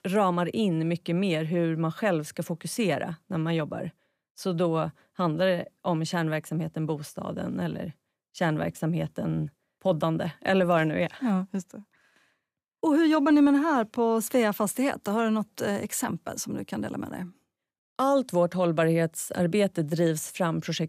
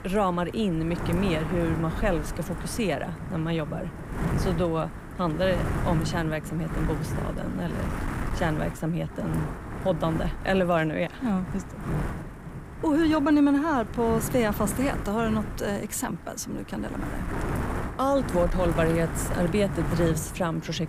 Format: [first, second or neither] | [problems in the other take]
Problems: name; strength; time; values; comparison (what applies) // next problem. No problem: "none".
first | wind noise on the microphone; heavy; 8 dB below the speech